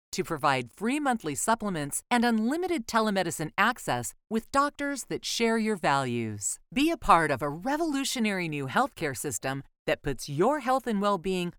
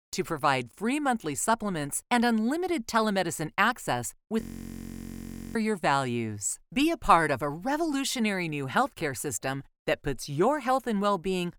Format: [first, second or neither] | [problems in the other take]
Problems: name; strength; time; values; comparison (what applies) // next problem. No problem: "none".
first | audio freezing; at 4.5 s for 1 s